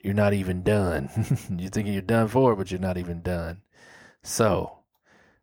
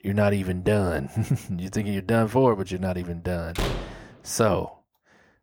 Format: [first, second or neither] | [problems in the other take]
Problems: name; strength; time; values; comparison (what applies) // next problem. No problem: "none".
first | door banging; noticeable; at 3.5 s; peak 4 dB below the speech